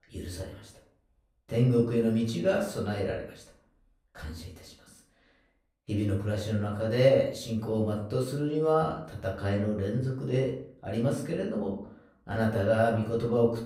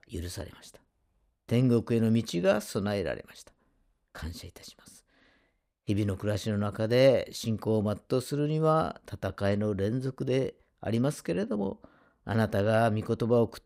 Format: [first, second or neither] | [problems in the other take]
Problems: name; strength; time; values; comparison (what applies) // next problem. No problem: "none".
second | room echo; slight; dies away in 0.4 s // off-mic speech; far